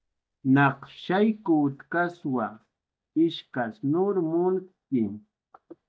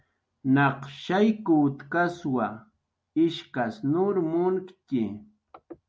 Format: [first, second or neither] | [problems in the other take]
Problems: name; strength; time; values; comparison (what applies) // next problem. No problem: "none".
second | noise reduction (neural mask model DeepFilterNet 3)